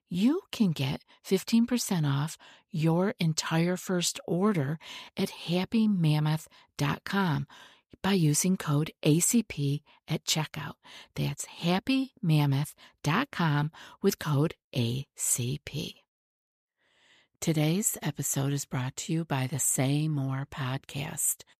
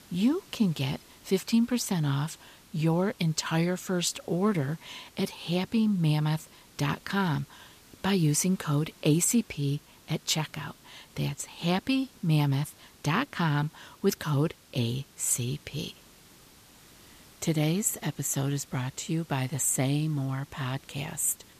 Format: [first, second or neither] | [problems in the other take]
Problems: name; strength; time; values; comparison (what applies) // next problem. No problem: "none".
first | hiss; faint; throughout; 25 dB below the speech